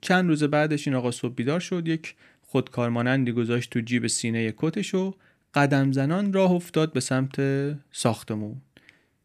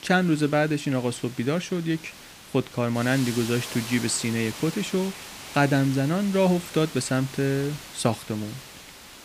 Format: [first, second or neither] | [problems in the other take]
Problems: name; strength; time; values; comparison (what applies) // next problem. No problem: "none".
first | hiss; noticeable; throughout; 15 dB below the speech